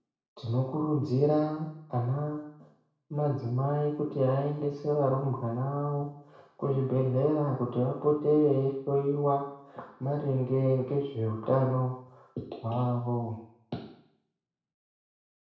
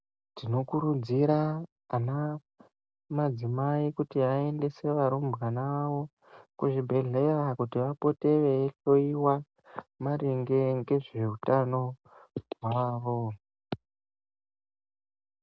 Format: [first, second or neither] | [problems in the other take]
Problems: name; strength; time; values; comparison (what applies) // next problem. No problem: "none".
second | room echo; dies away in 0.6 s